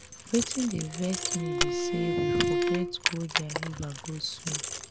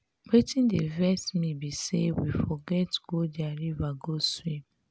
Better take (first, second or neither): second